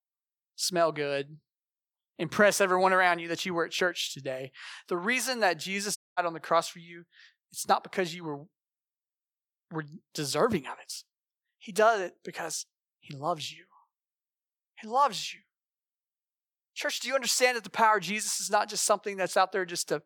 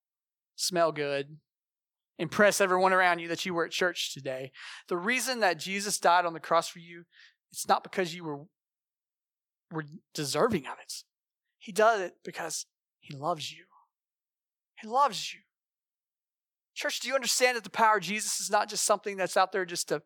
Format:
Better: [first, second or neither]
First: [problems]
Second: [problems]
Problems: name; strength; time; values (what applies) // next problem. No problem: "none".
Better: second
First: audio cutting out; at 6 s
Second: none